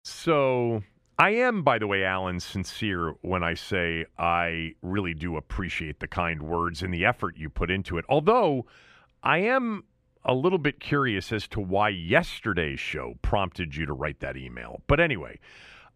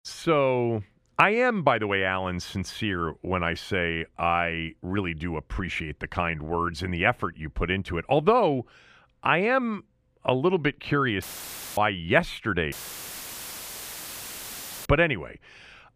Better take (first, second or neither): first